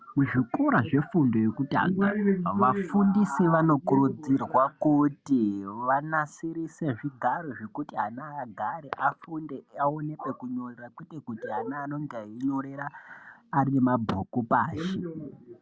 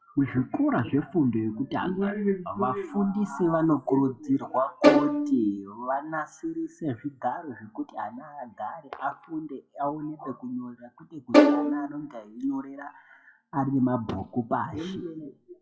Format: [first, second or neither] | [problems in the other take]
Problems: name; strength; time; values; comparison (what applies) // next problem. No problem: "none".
first | noise reduction (classical method WPE with log-MMSE)